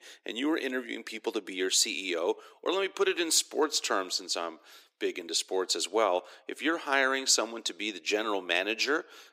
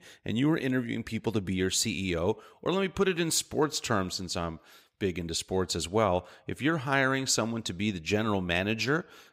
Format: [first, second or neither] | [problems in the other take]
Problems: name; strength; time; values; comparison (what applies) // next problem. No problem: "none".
second | thin; somewhat; fading below 300 Hz